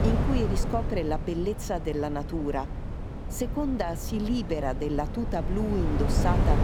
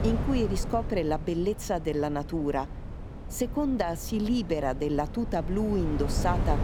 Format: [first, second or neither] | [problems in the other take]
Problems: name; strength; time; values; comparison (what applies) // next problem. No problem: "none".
second | wind noise on the microphone; heavy; 7 dB below the speech; occasional gusts in the second